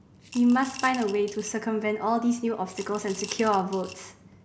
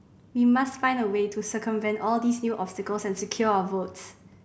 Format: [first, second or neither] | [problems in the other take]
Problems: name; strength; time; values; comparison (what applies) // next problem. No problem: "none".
second | background sound (Coin (dropping) / Glass); 18 dB below the speech